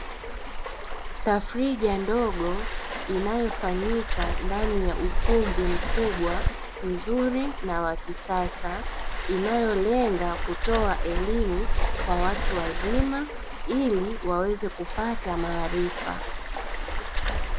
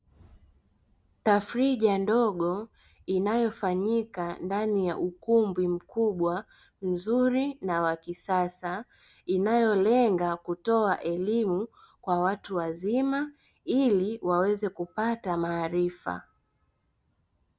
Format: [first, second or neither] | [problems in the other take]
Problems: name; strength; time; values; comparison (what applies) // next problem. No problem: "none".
second | background sound (Waves, surf); 1 dB above the speech